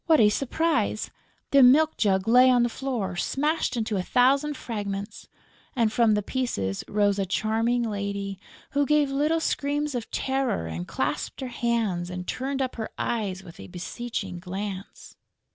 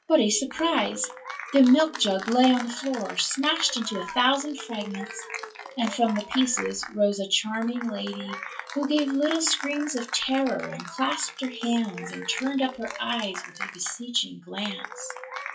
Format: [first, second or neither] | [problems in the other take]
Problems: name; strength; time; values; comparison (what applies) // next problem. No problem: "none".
first | noise reduction (classical method WPE with log-MMSE)